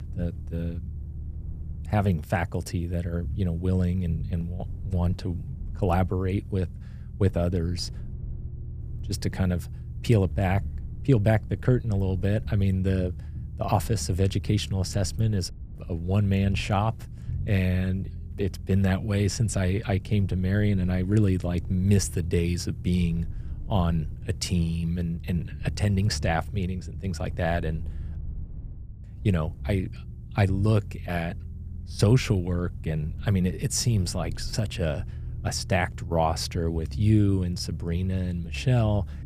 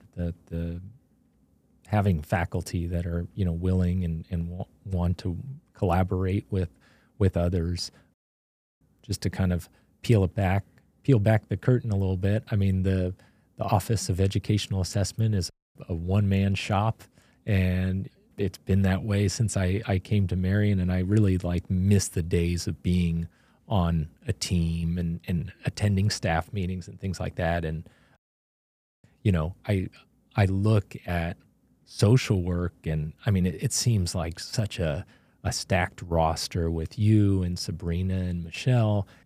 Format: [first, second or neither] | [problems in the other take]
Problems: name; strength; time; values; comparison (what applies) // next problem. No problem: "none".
second | low rumble; faint; throughout; 20 dB below the speech